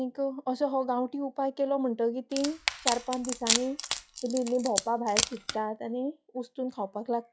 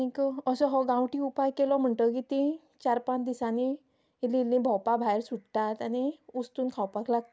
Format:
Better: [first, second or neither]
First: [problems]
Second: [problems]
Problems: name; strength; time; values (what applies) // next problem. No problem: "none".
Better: second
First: noise reduction (classical method log-MMSE)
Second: none